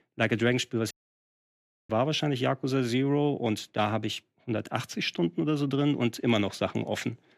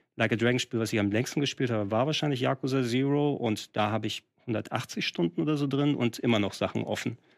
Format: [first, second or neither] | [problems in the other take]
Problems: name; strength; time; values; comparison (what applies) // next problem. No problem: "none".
second | audio cutting out; at 1 s for 1 s